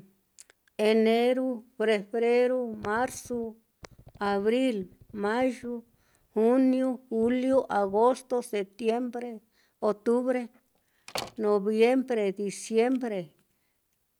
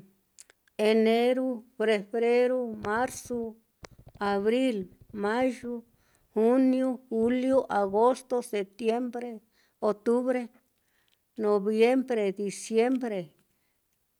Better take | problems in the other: second | background sound (Slam); 14 dB below the speech

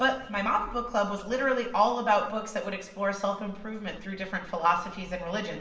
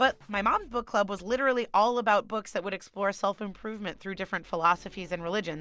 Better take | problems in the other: second | room echo; dies away in 0.9 s

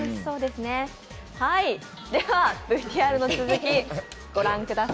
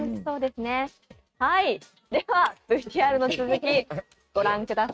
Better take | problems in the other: first | noise reduction (neural mask model RNNoise)

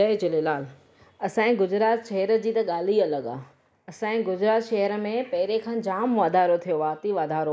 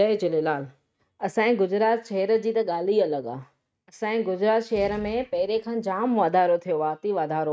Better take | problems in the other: first | noise reduction (neural mask model RNNoise)

